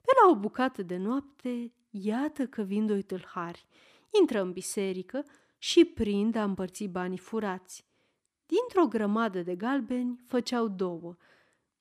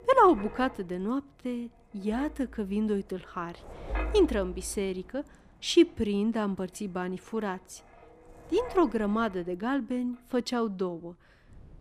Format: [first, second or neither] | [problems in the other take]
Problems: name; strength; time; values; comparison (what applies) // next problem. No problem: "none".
first | wind noise on the microphone; occasional gusts; 15 dB below the speech